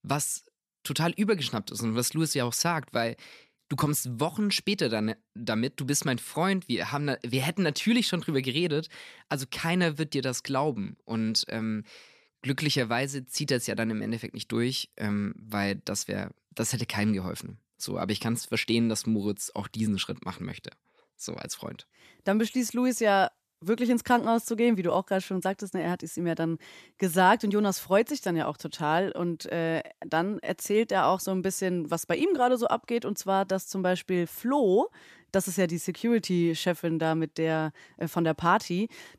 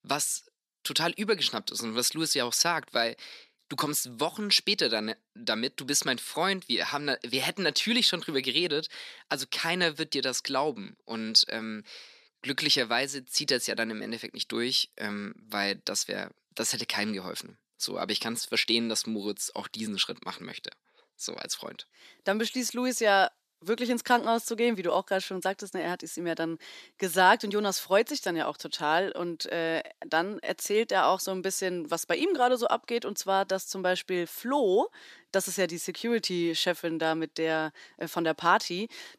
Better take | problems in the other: first | thin; very slightly; fading below 300 Hz

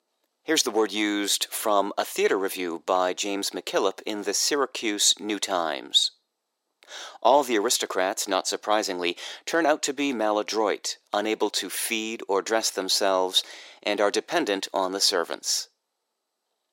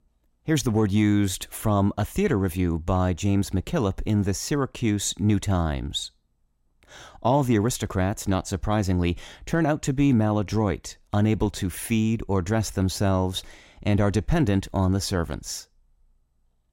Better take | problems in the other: second | thin; very; fading below 400 Hz

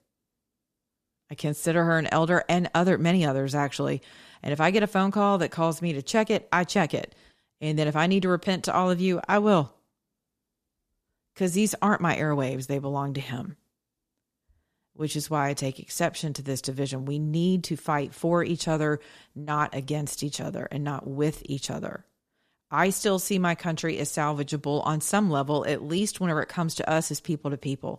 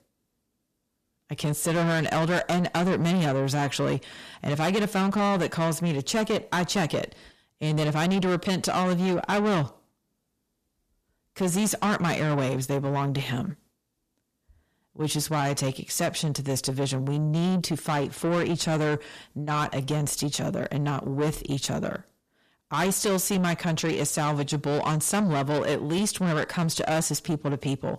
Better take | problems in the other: first | distortion; heavy; 7 dB below the speech

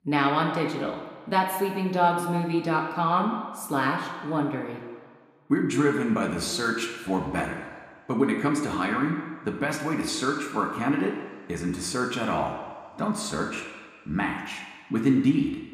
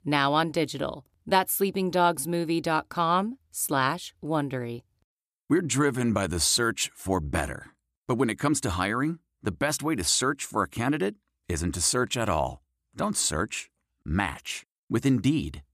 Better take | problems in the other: second | room echo; noticeable; dies away in 1.6 s // off-mic speech; somewhat distant

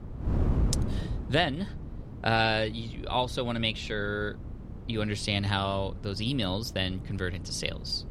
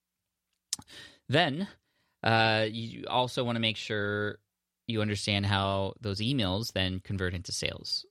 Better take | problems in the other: second | wind noise on the microphone; occasional gusts; 15 dB below the speech

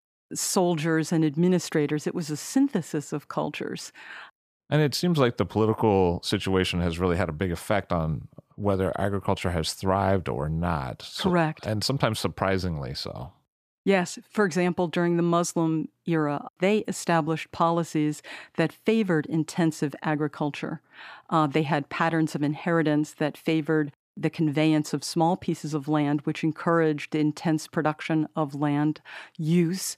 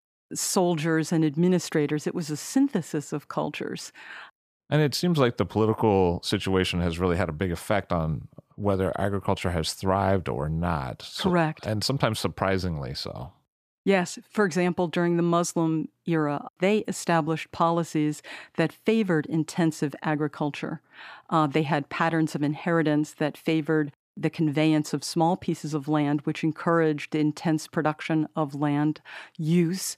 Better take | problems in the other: neither | none

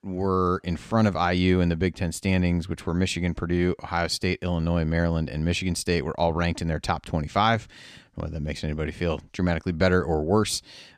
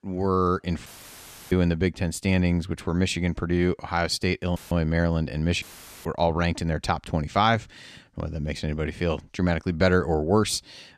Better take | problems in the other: first | audio cutting out; filled with static; at 1 s for 0.5 s, at 4.5 s and at 5.5 s

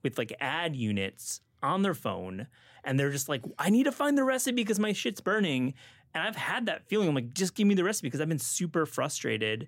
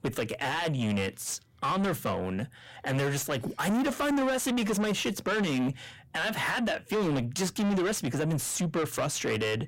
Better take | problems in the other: first | distortion; heavy; 7 dB below the speech

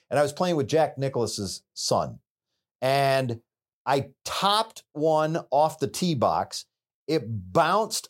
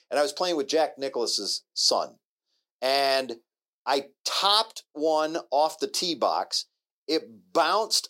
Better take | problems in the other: first | thin; somewhat; fading below 300 Hz

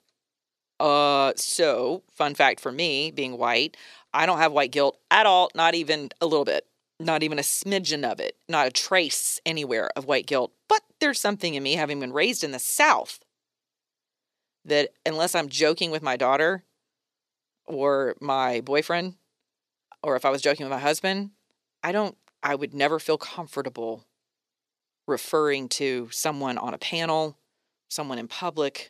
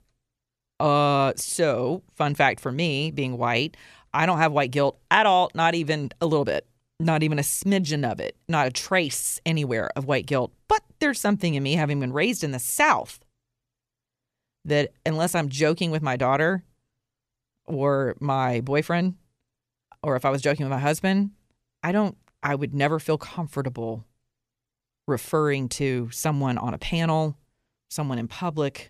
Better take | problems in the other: second | thin; somewhat; fading below 350 Hz

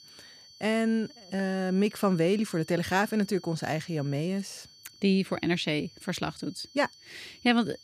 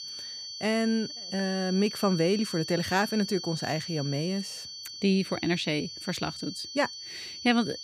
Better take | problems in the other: first | high-pitched whine; loud; throughout; 4.5 kHz, 8 dB below the speech; faint in the first

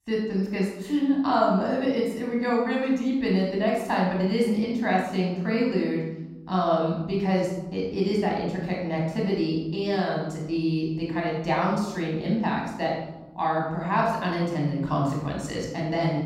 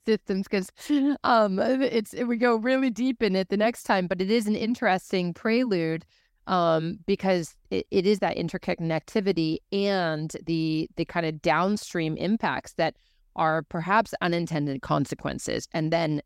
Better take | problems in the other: second | off-mic speech; far // room echo; noticeable; dies away in 1.1 s

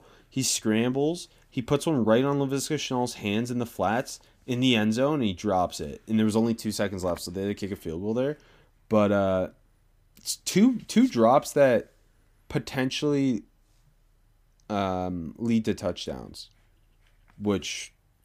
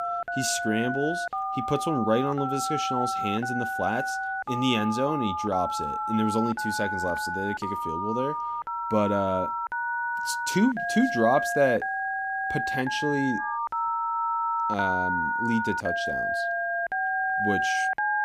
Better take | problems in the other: first | alarms or sirens; very loud; throughout; as loud as the speech

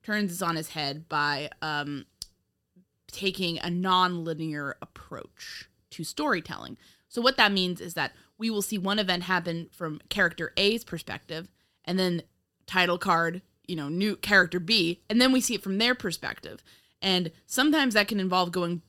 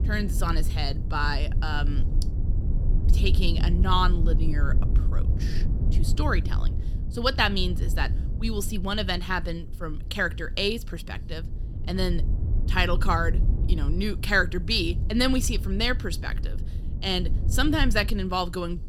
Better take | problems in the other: first | low rumble; noticeable; throughout; 15 dB below the speech

